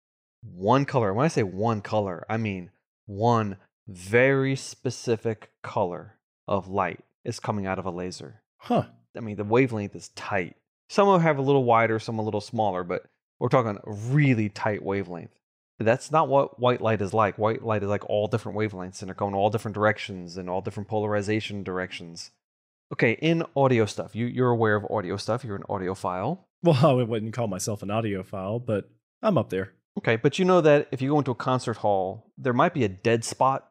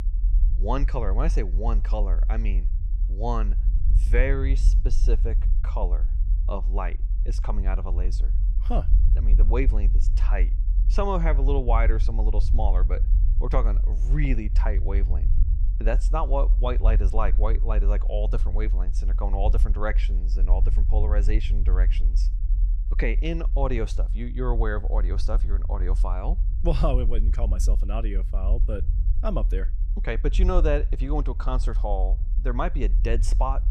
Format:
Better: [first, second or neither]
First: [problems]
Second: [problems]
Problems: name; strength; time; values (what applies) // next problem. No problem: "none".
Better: first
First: none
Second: low rumble; noticeable; throughout; 15 dB below the speech